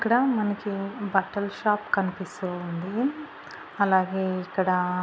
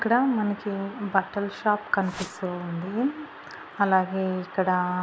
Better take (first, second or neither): first